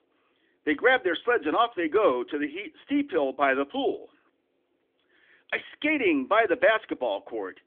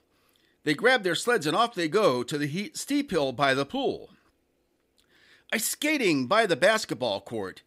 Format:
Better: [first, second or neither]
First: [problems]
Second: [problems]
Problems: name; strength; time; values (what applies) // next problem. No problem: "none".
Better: second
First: phone-call audio; nothing above 3.5 kHz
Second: none